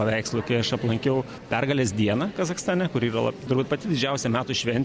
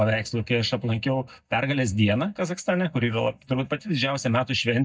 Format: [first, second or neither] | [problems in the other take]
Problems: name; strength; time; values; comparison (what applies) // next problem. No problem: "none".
first | noise reduction (neural mask model DeepFilterNet 3)